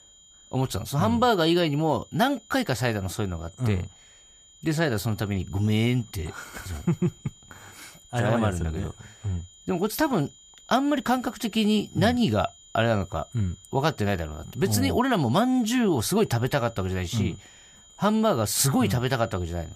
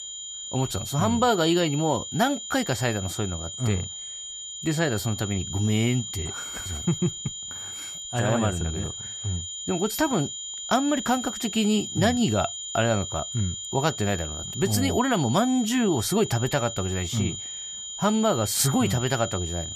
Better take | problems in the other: first | high-pitched whine; loud; throughout; 7 kHz, 7 dB below the speech; faint in the first

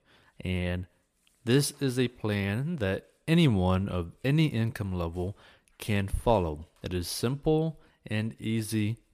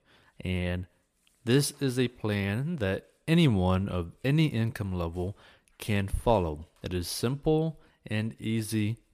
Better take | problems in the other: neither | none

